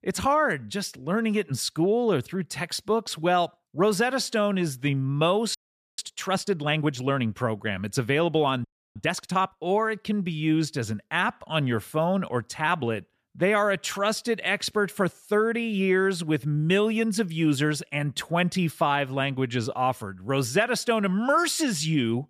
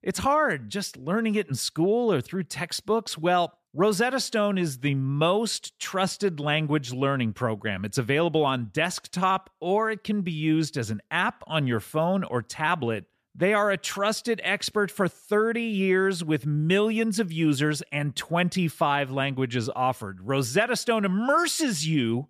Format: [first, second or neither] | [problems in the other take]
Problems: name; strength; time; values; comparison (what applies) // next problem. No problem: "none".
second | audio freezing; at 5.5 s and at 8.5 s